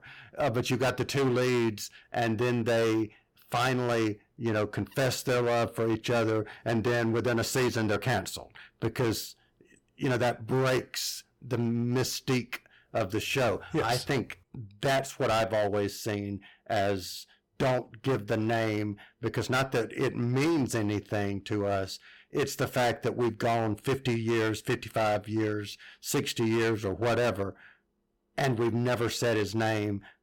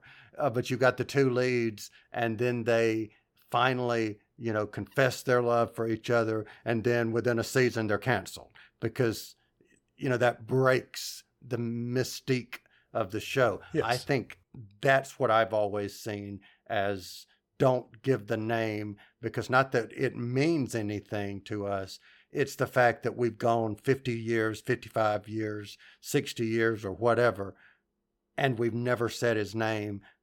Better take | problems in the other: second | distortion; heavy; 16% of the sound clipped

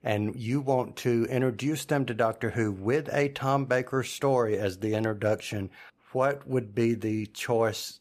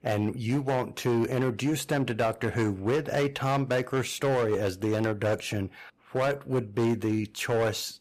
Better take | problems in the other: first | distortion; slight; 13% of the sound clipped

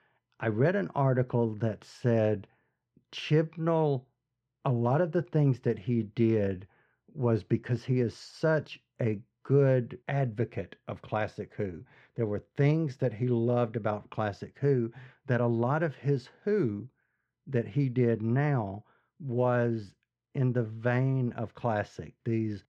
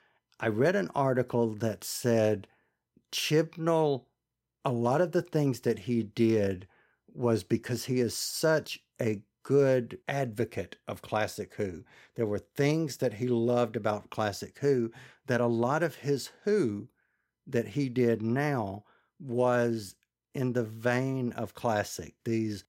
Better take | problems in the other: second | muffled; slightly; fading above 2.5 kHz

